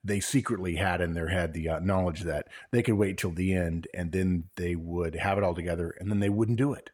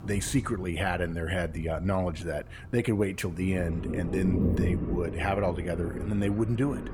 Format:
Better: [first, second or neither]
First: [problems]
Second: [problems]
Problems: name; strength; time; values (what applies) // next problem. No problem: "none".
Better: first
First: none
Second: rain or running water; loud; throughout; 4 dB below the speech